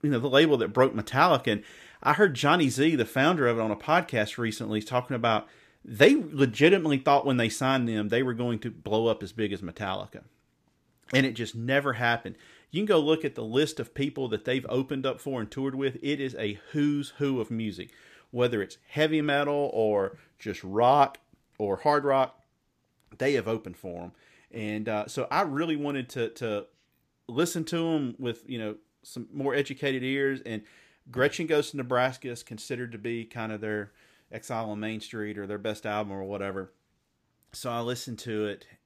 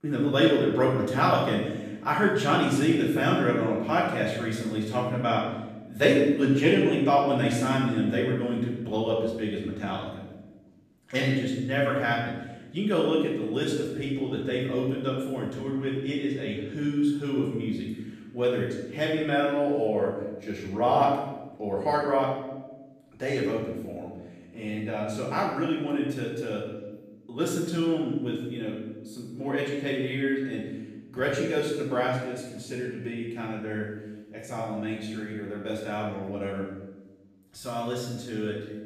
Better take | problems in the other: first | off-mic speech; far // room echo; noticeable; dies away in 1 s

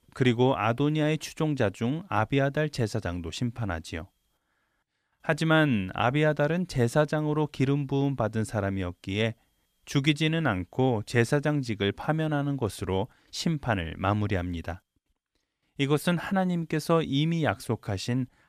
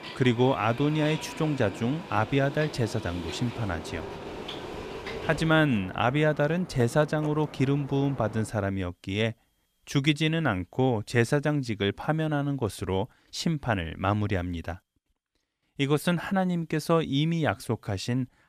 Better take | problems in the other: first | train or aircraft noise; noticeable; until 8.5 s; 15 dB below the speech

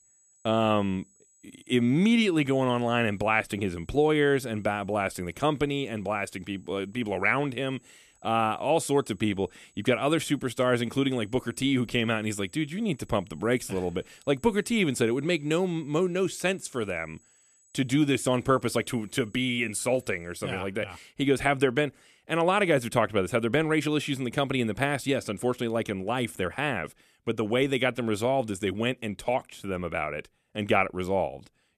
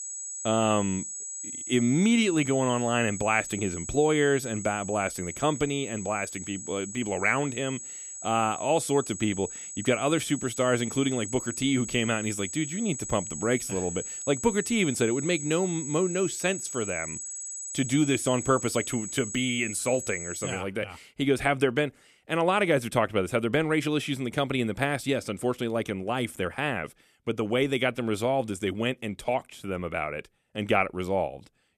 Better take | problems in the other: first | high-pitched whine; loud; until 21 s; 8 kHz, 7 dB below the speech; faint in the first

